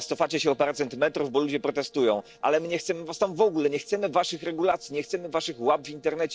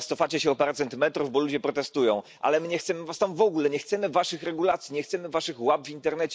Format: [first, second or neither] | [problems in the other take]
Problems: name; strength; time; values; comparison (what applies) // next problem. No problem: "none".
second | noise reduction (neural separator model SepFormer DNS4)